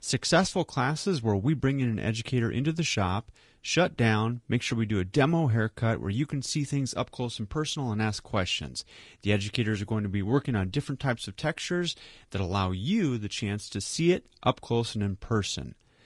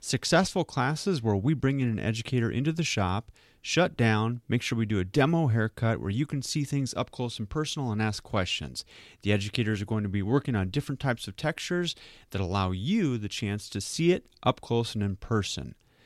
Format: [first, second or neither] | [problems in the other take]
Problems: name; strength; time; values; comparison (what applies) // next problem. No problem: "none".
second | garbled, watery; slightly; nothing above 10 kHz